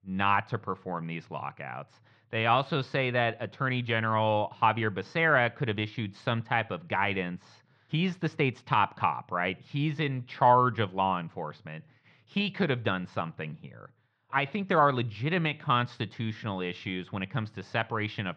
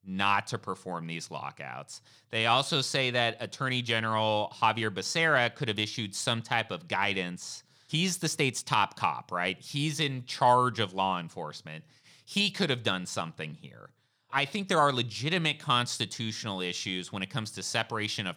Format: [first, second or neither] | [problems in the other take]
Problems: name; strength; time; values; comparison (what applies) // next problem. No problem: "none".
second | muffled; very; fading above 2.5 kHz